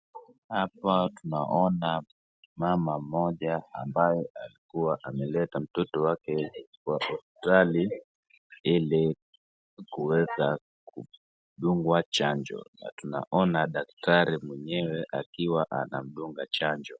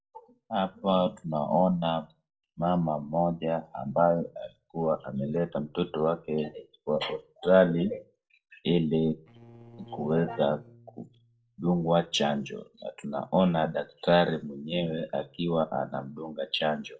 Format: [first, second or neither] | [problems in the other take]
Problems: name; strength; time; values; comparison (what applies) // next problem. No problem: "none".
first | noise reduction (neural separator model SepFormer DNS4)